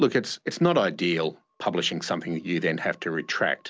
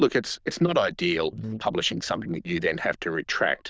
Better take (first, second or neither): first